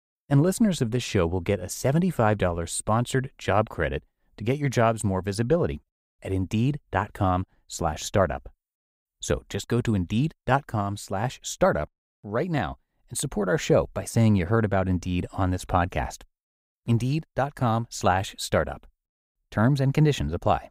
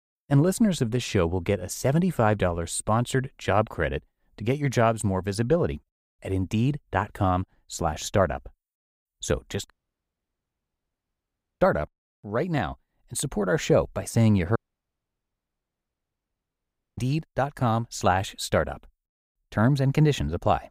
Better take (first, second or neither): first